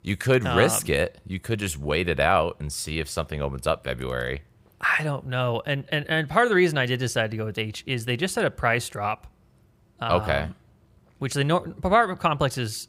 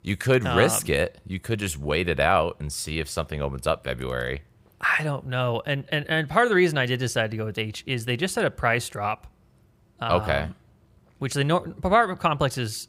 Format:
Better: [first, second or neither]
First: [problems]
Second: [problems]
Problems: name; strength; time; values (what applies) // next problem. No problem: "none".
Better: neither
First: none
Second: none